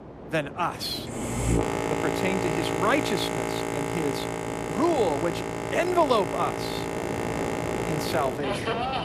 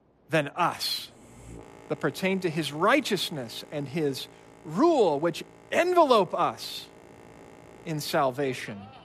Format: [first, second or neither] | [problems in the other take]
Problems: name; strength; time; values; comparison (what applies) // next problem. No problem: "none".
second | train or aircraft noise; loud; throughout; 1 dB below the speech; faint in the second